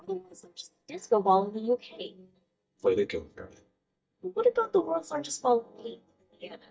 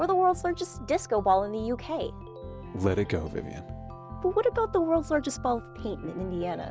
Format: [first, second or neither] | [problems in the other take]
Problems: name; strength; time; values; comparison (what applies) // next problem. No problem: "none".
second | noise reduction (neural mask model DeepFilterNet 3)